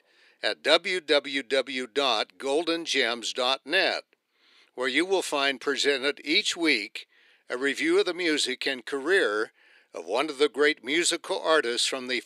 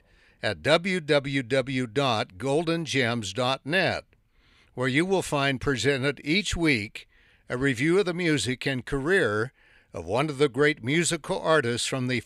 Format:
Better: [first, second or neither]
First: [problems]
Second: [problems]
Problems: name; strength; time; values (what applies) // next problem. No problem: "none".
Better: second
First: thin; somewhat; fading below 350 Hz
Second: none